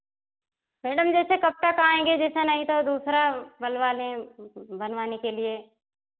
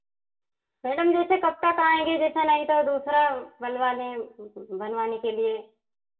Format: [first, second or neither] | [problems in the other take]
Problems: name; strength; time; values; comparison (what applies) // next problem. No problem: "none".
first | room echo; dies away in 0.2 s